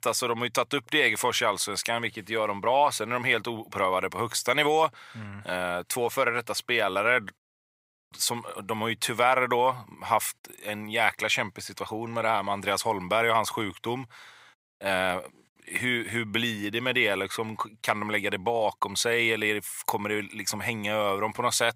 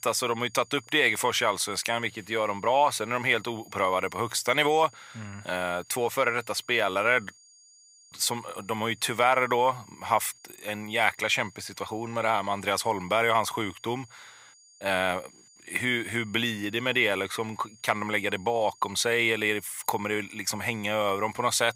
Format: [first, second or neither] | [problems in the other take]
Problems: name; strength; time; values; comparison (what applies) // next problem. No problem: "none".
first | high-pitched whine; faint; throughout; 7 kHz, 25 dB below the speech